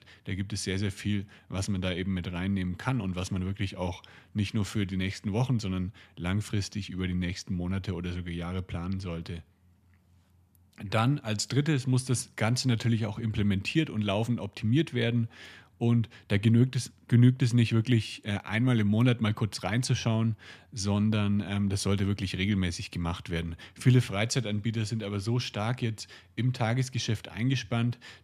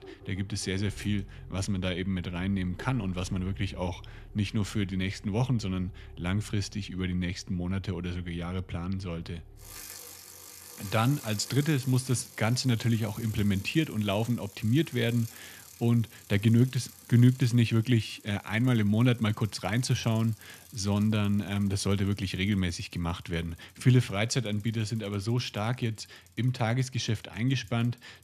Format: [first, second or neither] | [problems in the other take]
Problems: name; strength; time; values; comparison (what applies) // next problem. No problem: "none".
first | traffic noise; noticeable; throughout; 20 dB below the speech